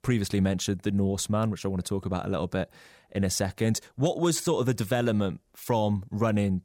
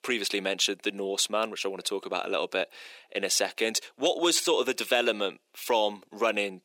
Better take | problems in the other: first | thin; very; fading below 350 Hz

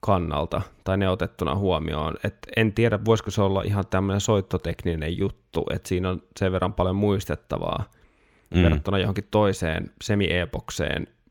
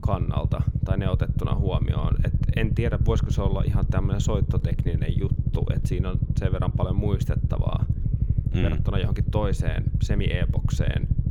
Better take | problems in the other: first | low rumble; loud; throughout; 4 dB below the speech

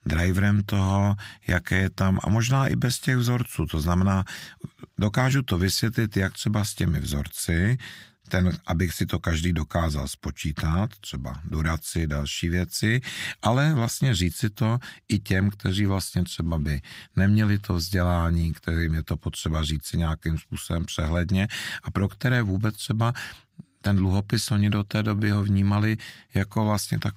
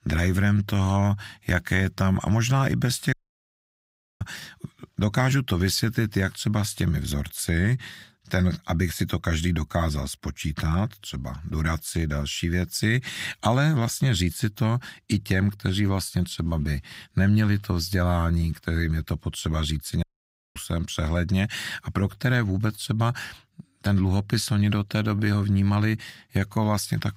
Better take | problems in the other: first | audio cutting out; at 3 s for 1 s and at 20 s for 0.5 s

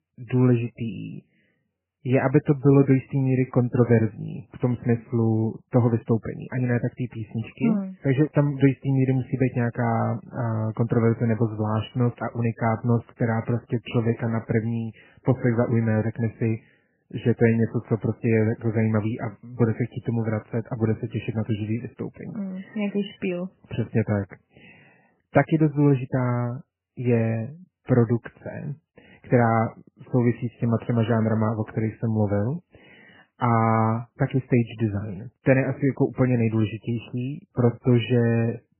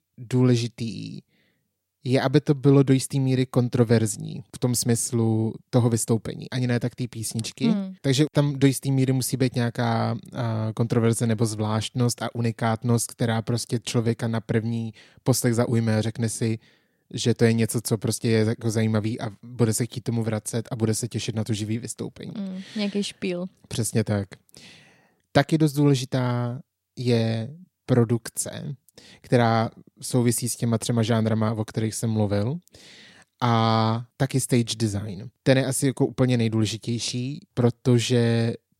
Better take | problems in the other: second | garbled, watery; badly; nothing above 3 kHz

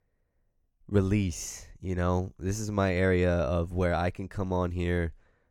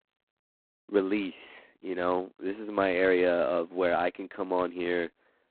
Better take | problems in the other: first | phone-call audio; poor line; nothing above 4 kHz

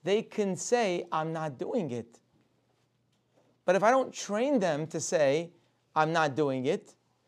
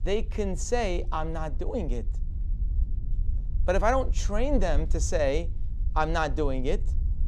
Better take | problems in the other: first | low rumble; faint; throughout; 25 dB below the speech

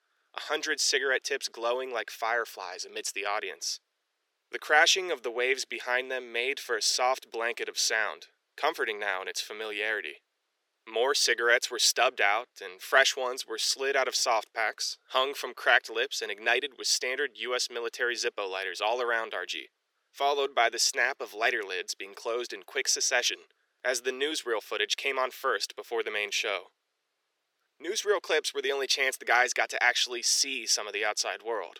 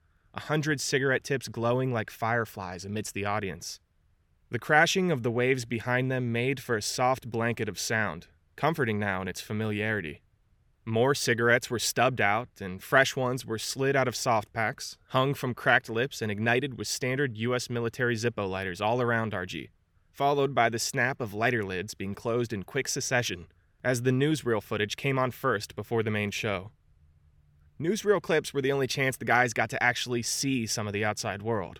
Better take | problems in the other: second | thin; very; fading below 400 Hz

